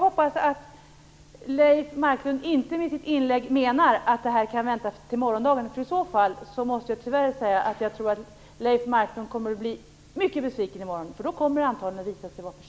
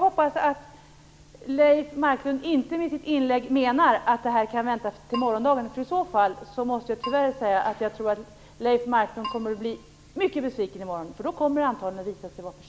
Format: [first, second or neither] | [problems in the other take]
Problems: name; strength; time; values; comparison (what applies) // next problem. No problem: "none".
first | background sound (Keyboard (musical)); 15 dB below the speech